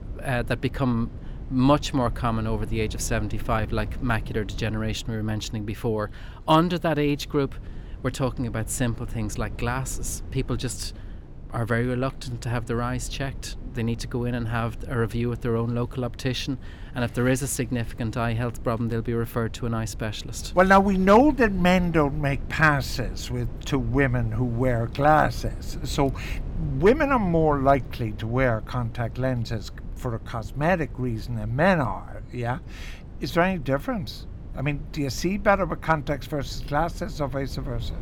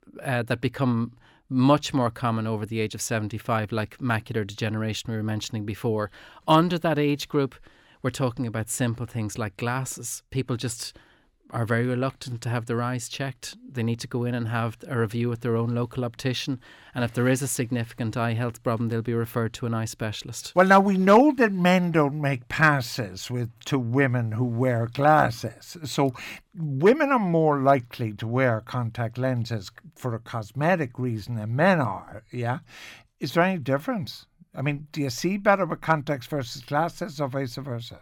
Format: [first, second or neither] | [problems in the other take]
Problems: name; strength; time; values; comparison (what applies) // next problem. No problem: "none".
second | low rumble; faint; throughout; 25 dB below the speech